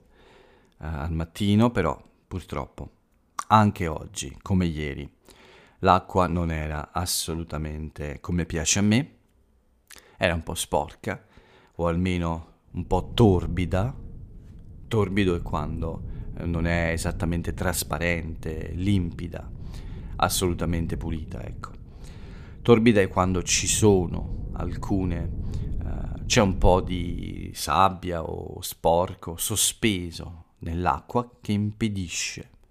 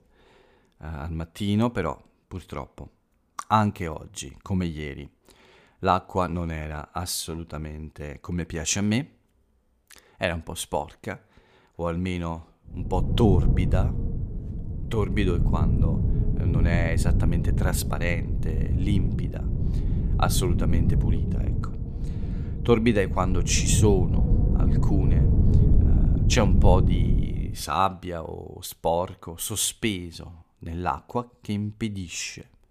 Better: first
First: wind noise on the microphone; occasional gusts; from 13 to 28 s; 25 dB below the speech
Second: wind noise on the microphone; heavy; from 13 to 28 s; 8 dB below the speech

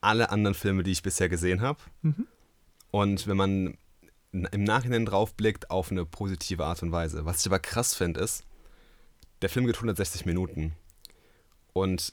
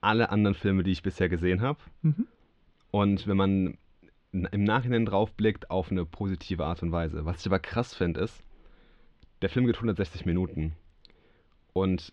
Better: first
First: none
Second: muffled; slightly; fading above 3.5 kHz

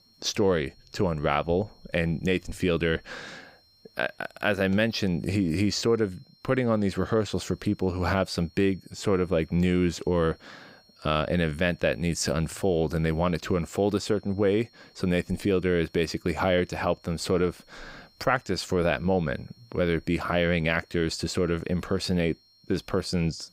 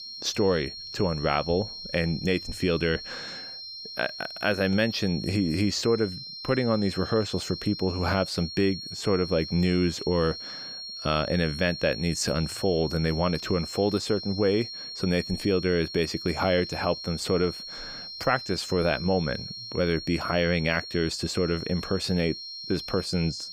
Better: first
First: high-pitched whine; faint; throughout; 4 kHz, 30 dB below the speech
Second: high-pitched whine; loud; throughout; 4 kHz, 9 dB below the speech

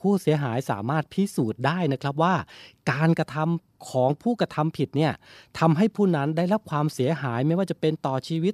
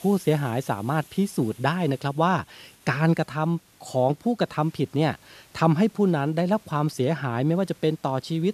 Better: first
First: none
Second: hiss; faint; throughout; 25 dB below the speech

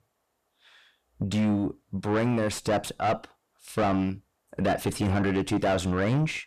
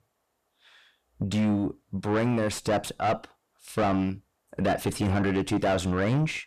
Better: neither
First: distortion; heavy; 6 dB below the speech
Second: distortion; heavy; 6 dB below the speech

